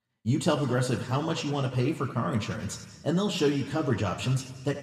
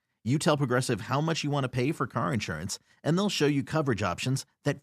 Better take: second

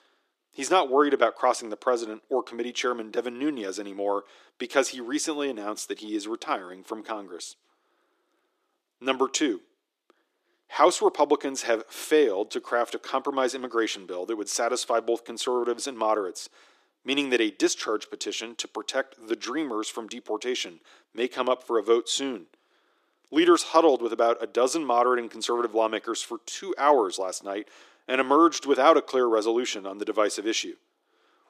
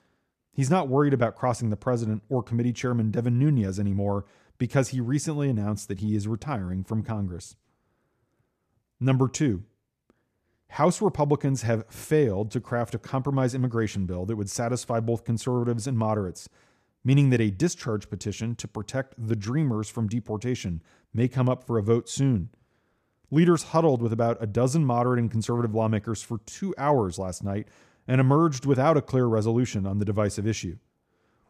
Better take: second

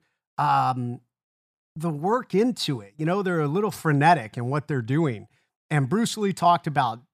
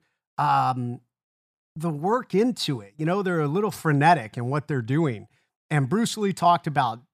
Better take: neither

